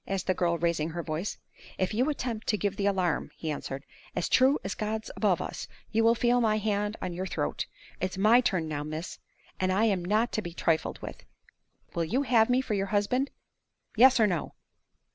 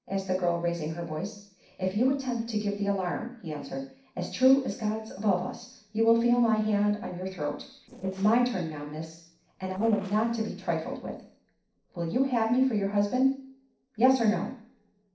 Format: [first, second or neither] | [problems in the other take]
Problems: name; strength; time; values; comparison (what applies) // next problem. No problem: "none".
first | noise reduction (neural separator model SepFormer DNS4)